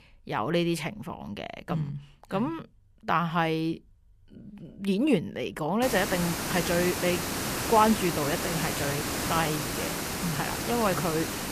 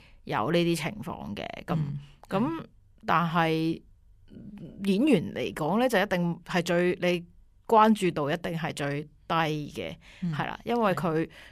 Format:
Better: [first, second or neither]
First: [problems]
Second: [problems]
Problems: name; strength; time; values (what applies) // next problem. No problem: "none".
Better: second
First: hiss; loud; from 6 s on; 2 dB below the speech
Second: none